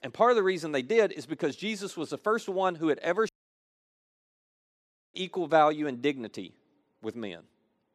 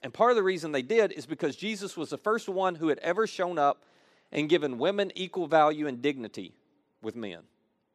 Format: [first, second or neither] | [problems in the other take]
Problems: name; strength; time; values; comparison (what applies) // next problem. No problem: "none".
second | audio cutting out; at 3.5 s for 2 s